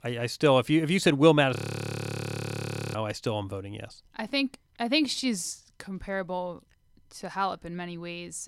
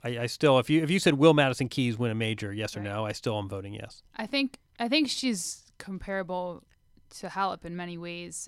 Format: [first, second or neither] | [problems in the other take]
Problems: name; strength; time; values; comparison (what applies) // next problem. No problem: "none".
second | audio freezing; at 1.5 s for 1.5 s